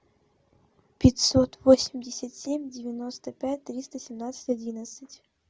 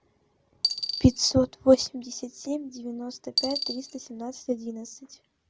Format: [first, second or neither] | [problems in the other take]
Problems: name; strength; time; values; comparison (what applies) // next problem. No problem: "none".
first | background sound (Coin (dropping)); 8 dB below the speech